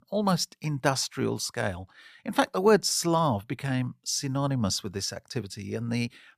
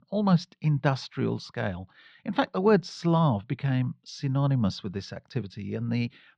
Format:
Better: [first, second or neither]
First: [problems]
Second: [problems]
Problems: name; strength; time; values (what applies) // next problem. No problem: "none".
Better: first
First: none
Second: muffled; slightly; fading above 4 kHz